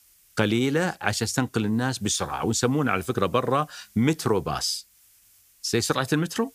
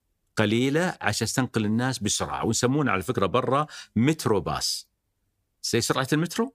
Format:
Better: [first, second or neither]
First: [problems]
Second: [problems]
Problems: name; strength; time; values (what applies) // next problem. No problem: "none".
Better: second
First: hiss; faint; throughout; 30 dB below the speech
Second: none